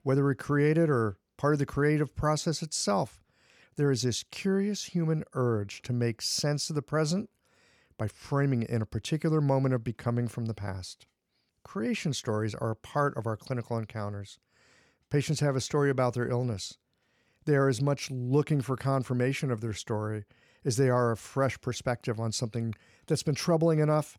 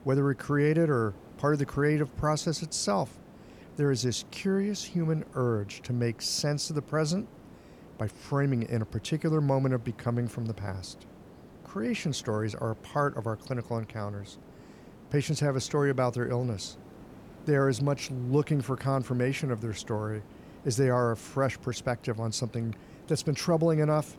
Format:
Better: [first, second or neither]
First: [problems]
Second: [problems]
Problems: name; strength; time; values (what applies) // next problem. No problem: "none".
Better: first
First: none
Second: hiss; faint; throughout; 20 dB below the speech